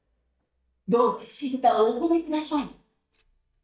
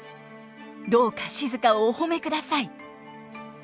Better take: second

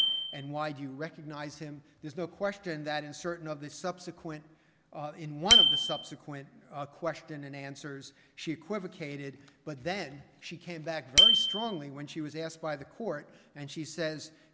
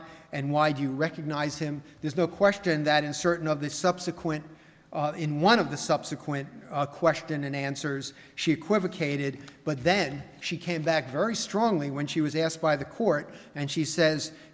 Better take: second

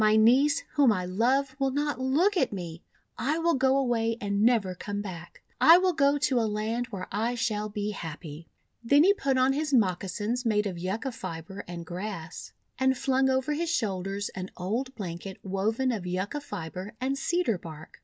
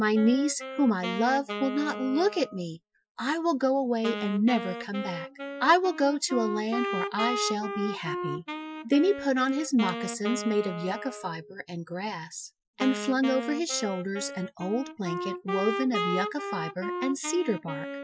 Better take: first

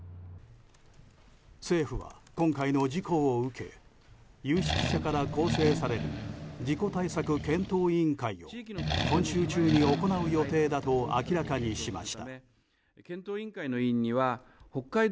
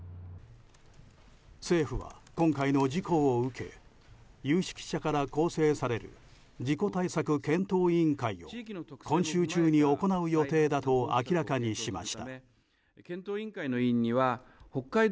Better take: second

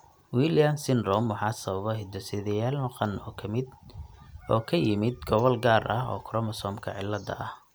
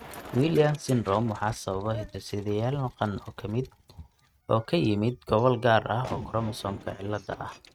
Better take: first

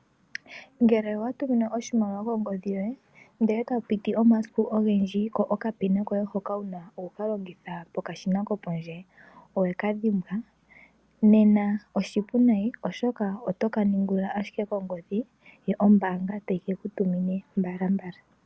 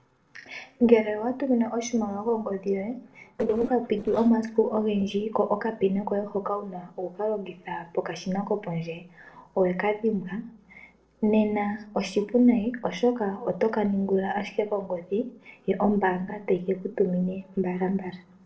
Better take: first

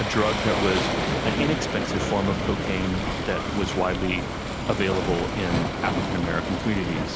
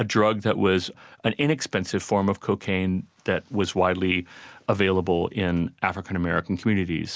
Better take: second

